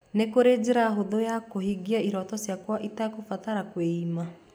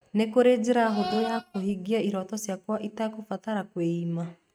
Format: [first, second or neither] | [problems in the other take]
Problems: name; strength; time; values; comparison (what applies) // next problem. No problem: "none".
first | noise reduction (neural mask model RNNoise)